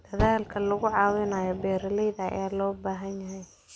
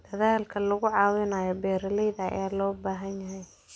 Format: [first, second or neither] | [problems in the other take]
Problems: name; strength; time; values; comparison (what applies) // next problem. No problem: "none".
second | background sound (Fire); 10 dB below the speech